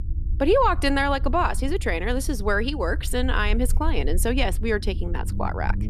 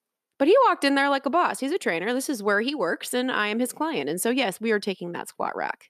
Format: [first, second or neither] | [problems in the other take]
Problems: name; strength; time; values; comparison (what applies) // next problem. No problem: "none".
second | low rumble; faint; throughout; 25 dB below the speech